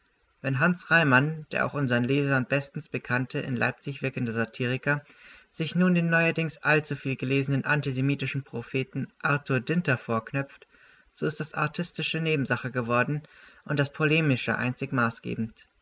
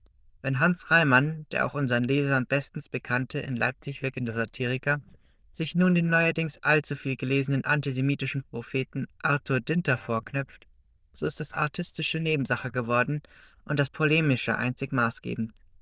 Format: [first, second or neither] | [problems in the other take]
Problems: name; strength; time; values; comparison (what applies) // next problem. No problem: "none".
first | noise reduction (neural diffusion model UNIVERSE++)